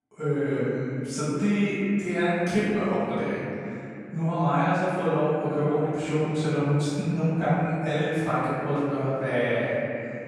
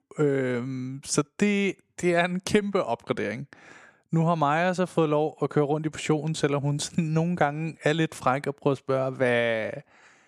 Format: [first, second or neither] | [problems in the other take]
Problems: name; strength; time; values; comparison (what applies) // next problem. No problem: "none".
second | off-mic speech; far // room echo; strong; dies away in 2.7 s